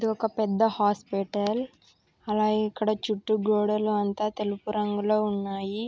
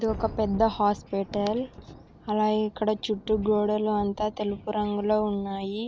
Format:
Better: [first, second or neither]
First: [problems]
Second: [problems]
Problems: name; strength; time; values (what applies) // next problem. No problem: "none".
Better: first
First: none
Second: background sound (Thunder); 16 dB below the speech